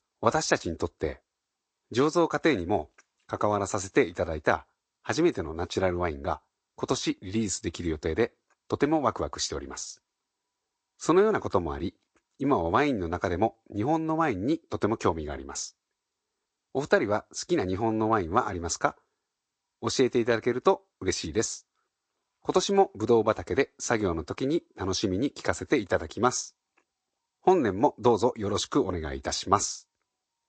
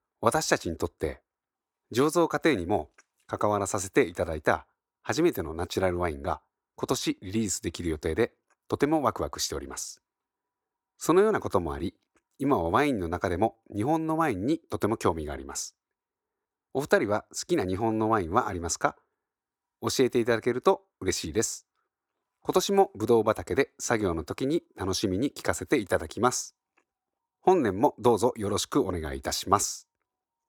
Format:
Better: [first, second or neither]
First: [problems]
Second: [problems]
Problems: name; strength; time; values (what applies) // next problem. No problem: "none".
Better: second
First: garbled, watery; slightly; nothing above 8 kHz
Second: none